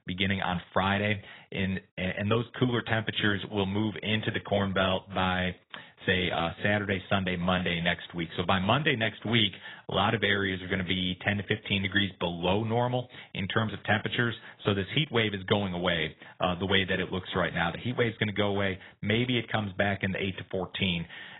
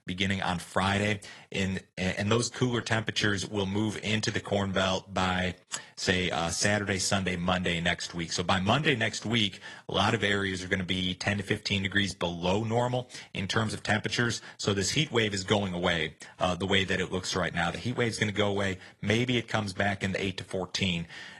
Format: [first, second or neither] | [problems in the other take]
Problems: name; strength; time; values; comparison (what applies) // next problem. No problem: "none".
second | garbled, watery; badly; nothing above 3.5 kHz; slightly in the second